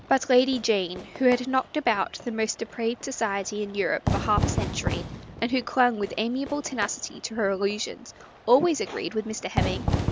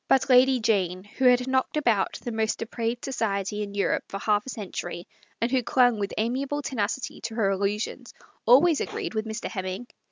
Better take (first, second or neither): second